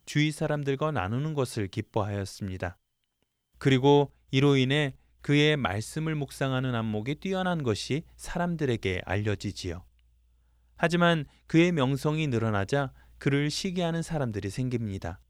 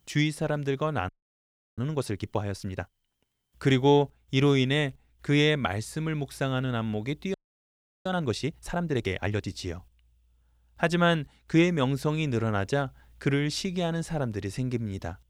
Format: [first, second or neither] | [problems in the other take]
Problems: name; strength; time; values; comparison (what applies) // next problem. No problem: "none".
first | audio freezing; at 1 s for 0.5 s and at 7.5 s for 0.5 s